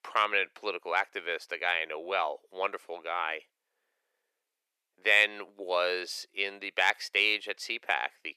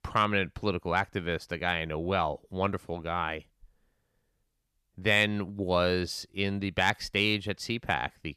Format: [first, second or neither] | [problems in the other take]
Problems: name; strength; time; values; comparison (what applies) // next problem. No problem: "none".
second | thin; very; fading below 400 Hz